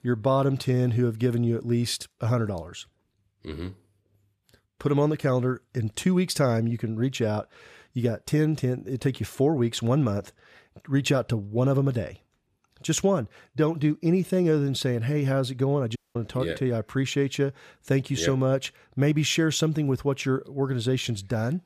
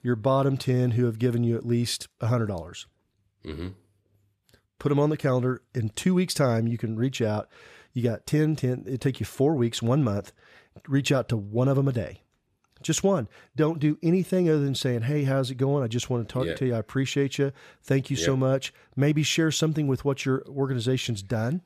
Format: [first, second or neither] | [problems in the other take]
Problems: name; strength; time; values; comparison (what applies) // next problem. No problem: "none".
second | audio cutting out; at 16 s